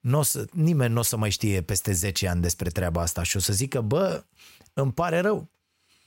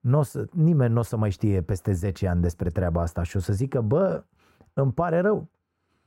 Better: first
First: none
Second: muffled; very; fading above 1.5 kHz

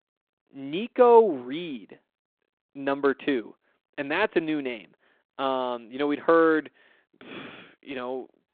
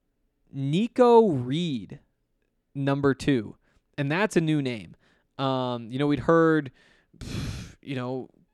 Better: second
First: phone-call audio; nothing above 3.5 kHz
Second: none

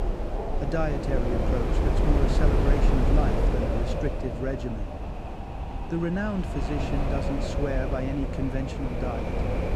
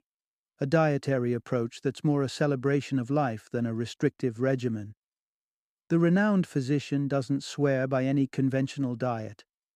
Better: second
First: wind noise on the microphone; heavy; 1 dB above the speech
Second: none

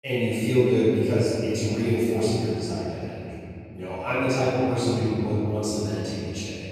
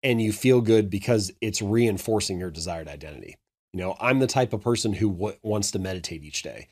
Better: second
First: off-mic speech; far // room echo; strong; dies away in 2.9 s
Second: none

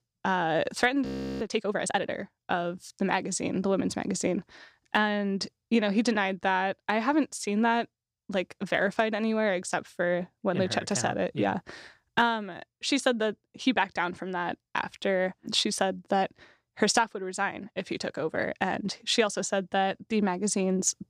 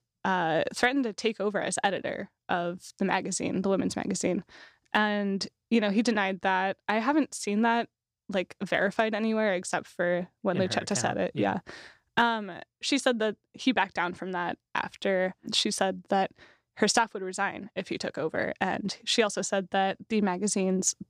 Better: second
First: audio freezing; at 1 s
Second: none

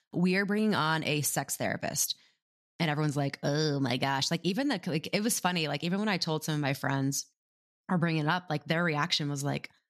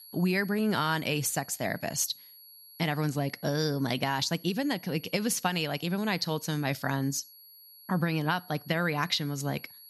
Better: first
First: none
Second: high-pitched whine; noticeable; throughout; 11.5 kHz, 20 dB below the speech

